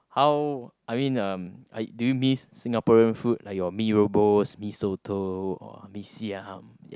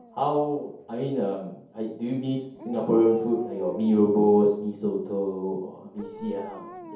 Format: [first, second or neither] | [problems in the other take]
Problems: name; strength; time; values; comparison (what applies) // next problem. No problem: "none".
first | background sound (Dog); 20 dB below the speech // room echo; dies away in 0.7 s